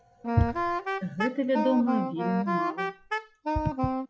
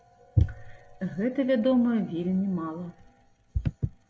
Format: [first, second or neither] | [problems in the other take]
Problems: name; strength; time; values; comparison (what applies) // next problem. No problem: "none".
second | noise reduction (classical method log-MMSE)